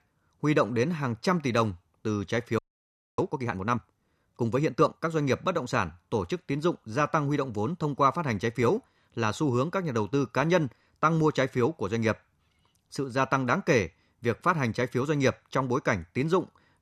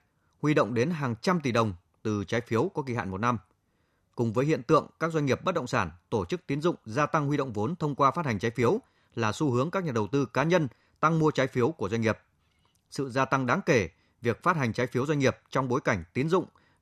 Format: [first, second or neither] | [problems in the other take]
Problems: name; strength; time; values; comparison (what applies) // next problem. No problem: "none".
second | audio freezing; at 2.5 s for 0.5 s